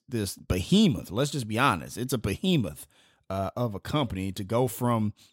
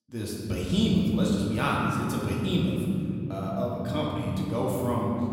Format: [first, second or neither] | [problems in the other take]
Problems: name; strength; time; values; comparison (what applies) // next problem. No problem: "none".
first | room echo; noticeable; dies away in 3 s // off-mic speech; far